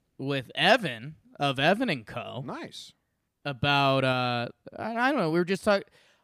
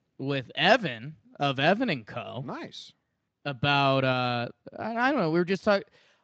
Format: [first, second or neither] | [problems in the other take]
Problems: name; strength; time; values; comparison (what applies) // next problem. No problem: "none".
first | garbled, watery; slightly; nothing above 7.5 kHz